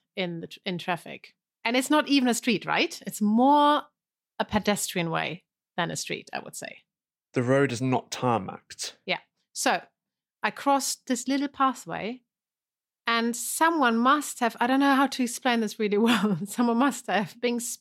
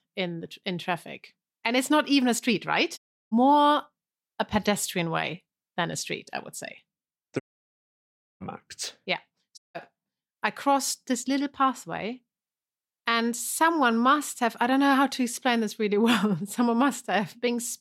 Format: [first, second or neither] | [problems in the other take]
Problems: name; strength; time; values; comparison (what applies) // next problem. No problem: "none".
first | audio cutting out; at 3 s, at 7.5 s for 1 s and at 9.5 s